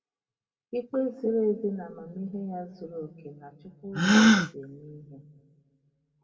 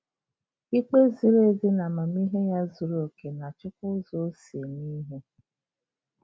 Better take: second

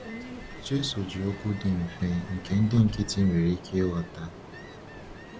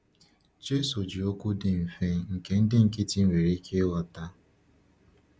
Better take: second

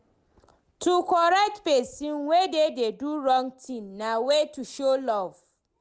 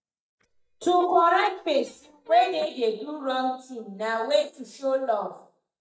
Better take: first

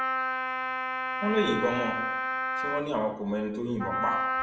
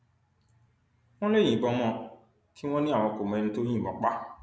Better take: second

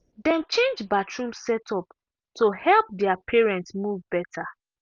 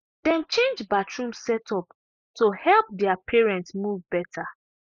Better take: first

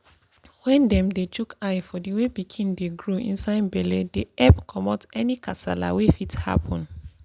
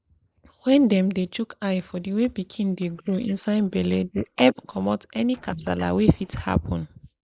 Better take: first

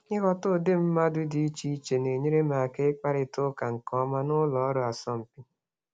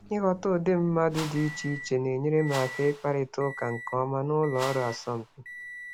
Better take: first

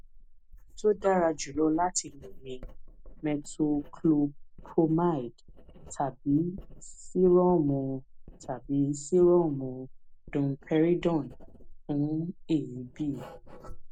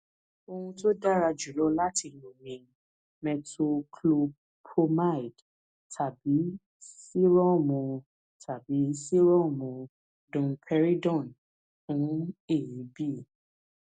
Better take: second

